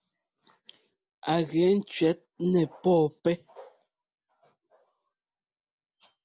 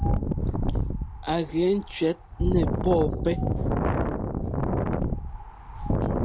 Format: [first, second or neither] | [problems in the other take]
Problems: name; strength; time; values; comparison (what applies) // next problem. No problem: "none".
first | background sound (Wind); 3 dB above the speech